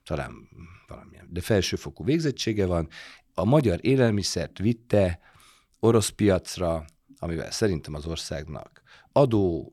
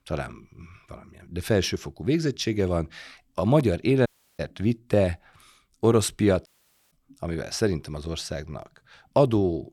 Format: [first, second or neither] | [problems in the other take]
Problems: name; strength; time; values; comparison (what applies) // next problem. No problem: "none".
first | audio cutting out; at 4 s and at 6.5 s